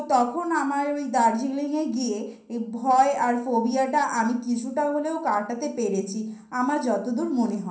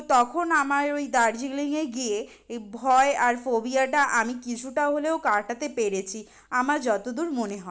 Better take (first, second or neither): second